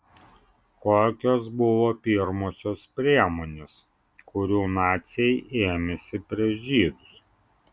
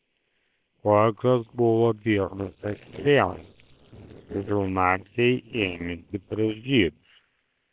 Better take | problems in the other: first | noise reduction (neural separator model SepFormer WHAM!)

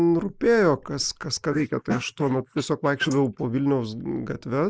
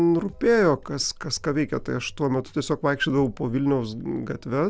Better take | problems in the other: second | noise reduction (neural mask model Resemble Enhance denoiser)

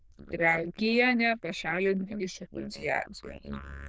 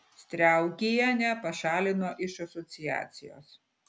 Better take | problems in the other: second | noise reduction (neural diffusion model UNIVERSE++)

